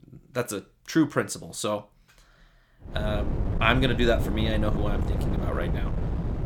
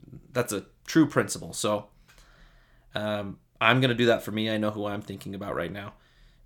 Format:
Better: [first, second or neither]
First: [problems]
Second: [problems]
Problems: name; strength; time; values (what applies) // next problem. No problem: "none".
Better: second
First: wind noise on the microphone; heavy; from 3 s on; 9 dB below the speech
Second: none